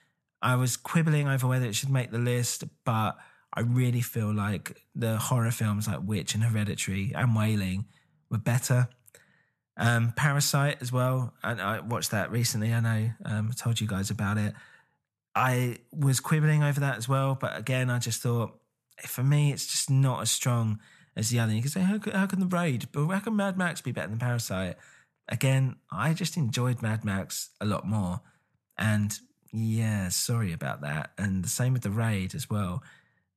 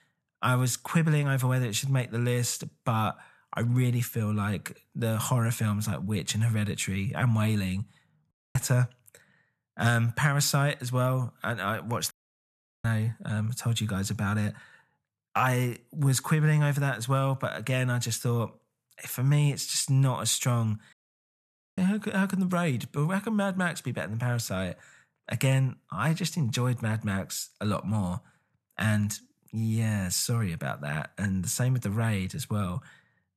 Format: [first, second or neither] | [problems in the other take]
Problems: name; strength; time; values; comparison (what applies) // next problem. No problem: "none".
first | audio cutting out; at 8.5 s, at 12 s for 0.5 s and at 21 s for 1 s